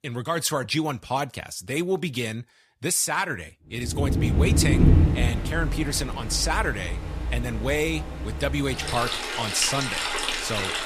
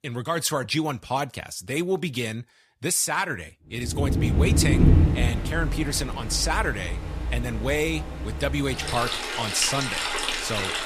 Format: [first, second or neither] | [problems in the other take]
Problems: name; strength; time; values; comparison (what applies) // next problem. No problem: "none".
neither | rain or running water; very loud; from 4 s on; 1 dB above the speech; the same in both